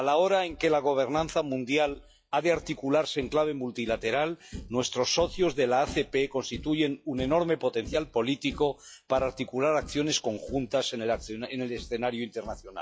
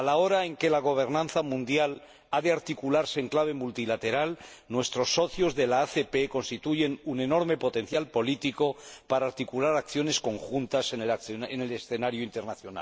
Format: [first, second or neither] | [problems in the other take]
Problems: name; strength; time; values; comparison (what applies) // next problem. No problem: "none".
second | noise reduction (classical method log-MMSE)